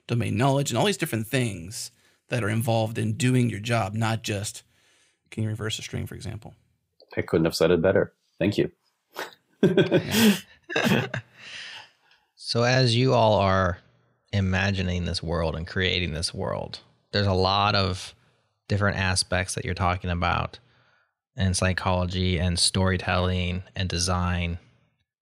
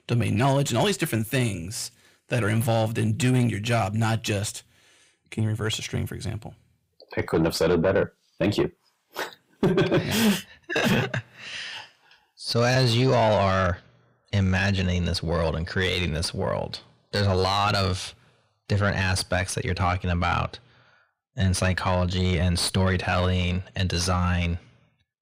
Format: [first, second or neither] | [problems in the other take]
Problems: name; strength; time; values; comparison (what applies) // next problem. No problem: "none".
first | distortion; slight; 10 dB below the speech